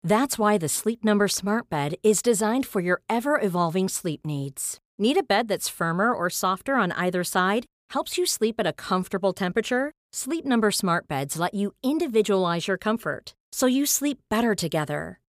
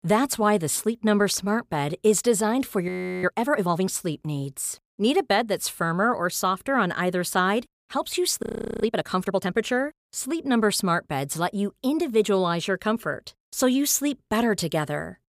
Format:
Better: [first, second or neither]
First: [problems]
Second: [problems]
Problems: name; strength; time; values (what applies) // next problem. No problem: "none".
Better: first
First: none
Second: audio freezing; at 3 s and at 8.5 s